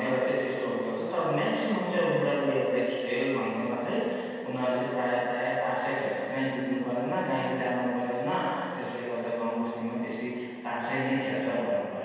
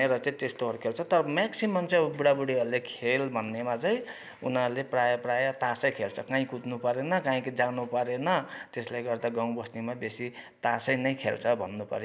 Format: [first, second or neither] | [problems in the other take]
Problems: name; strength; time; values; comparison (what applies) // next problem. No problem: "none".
second | room echo; dies away in 2.1 s